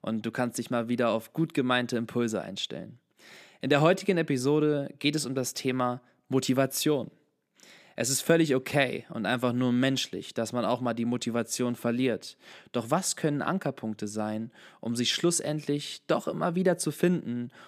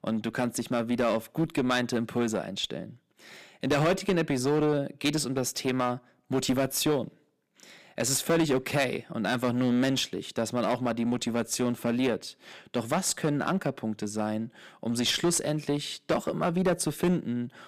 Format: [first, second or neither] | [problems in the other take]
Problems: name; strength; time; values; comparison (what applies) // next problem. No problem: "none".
first | distortion; slight; 7% of the sound clipped